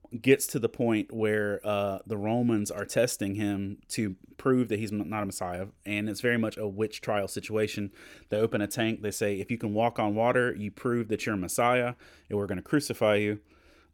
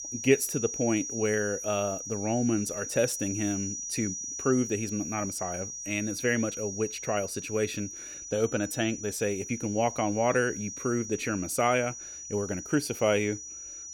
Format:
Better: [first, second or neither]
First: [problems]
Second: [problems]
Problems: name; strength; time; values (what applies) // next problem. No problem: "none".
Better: first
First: none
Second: high-pitched whine; loud; throughout; 6 kHz, 7 dB below the speech